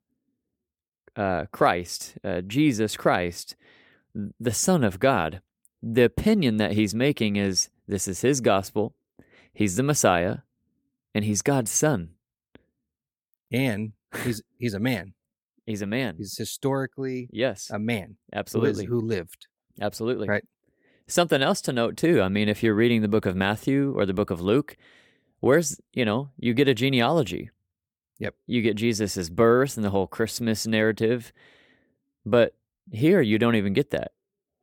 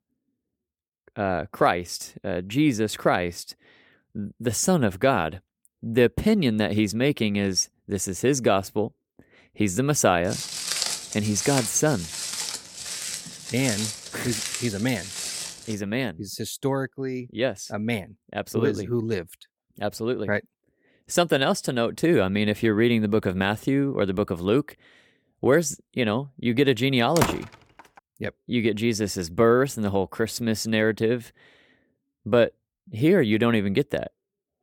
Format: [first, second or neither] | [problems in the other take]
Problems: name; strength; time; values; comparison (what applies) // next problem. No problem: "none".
first | footsteps; noticeable; from 10 to 16 s; peak level with the speech // door banging; noticeable; at 27 s; peak 2 dB below the speech